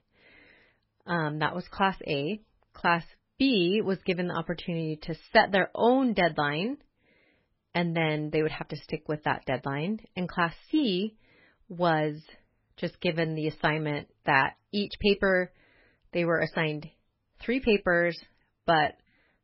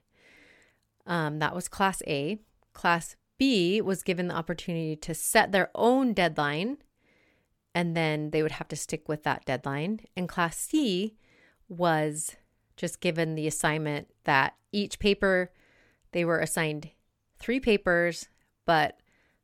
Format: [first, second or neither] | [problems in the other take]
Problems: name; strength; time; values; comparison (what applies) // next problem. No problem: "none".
second | garbled, watery; badly; nothing above 4.5 kHz